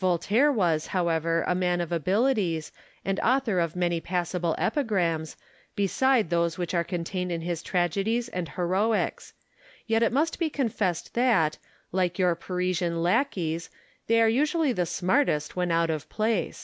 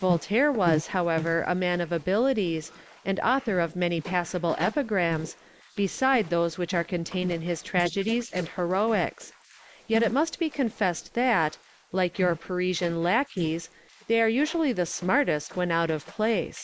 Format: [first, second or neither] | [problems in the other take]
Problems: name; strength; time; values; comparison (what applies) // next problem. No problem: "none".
first | noise reduction (neural mask model Resemble Enhance denoiser)